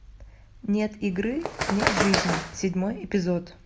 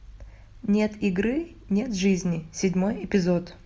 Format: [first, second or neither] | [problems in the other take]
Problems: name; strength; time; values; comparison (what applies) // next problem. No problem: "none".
second | background sound (Bird); 1 dB below the speech